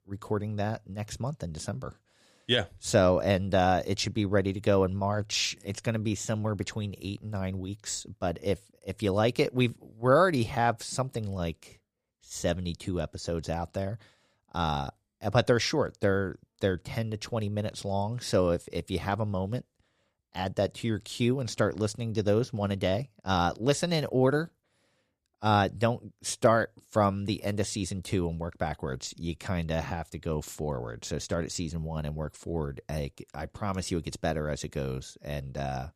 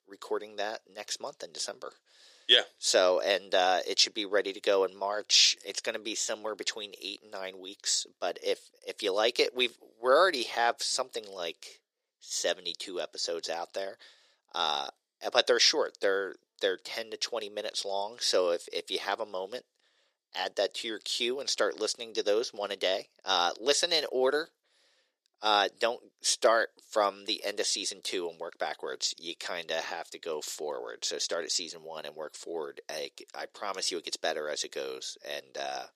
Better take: first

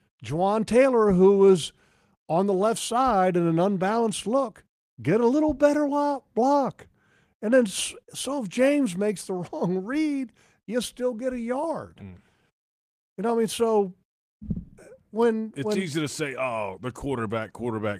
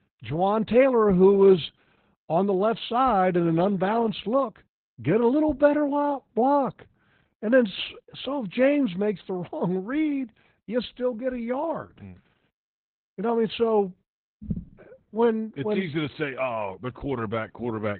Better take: first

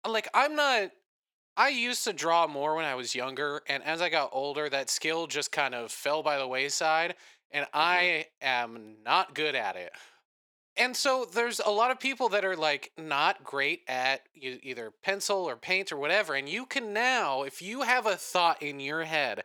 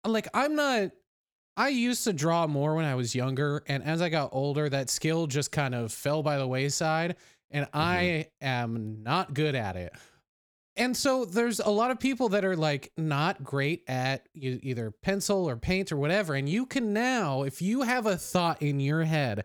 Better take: second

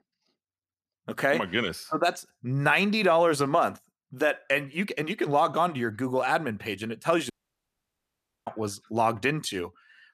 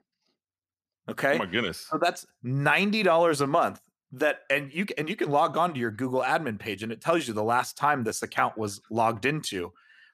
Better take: second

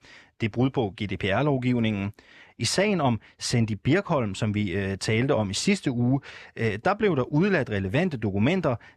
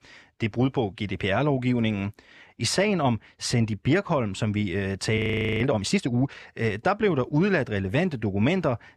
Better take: first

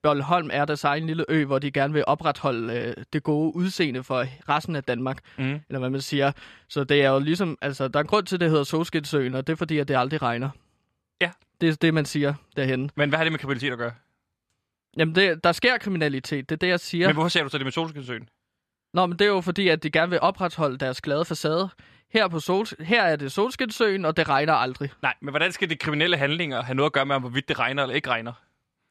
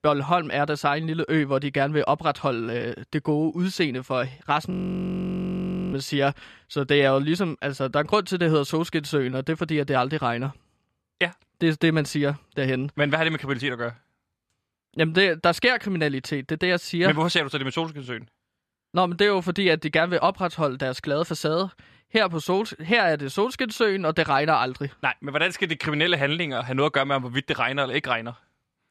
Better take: first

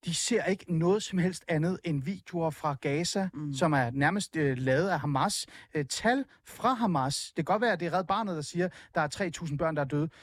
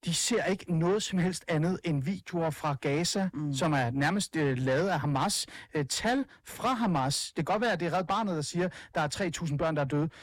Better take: first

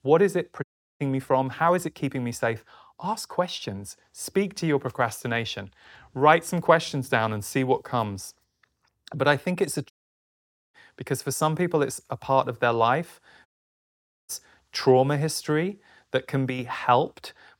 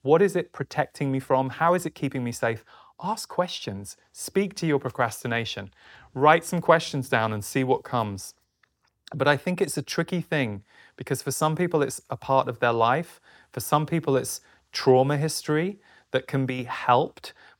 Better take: second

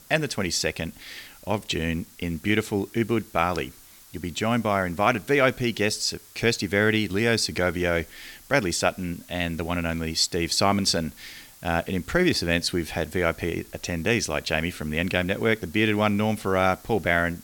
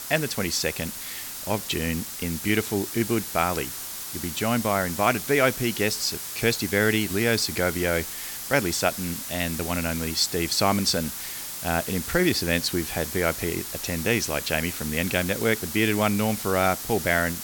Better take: first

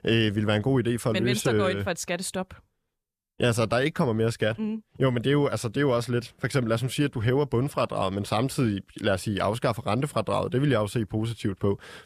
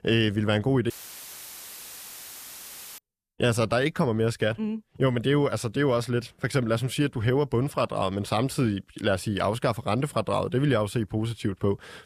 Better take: first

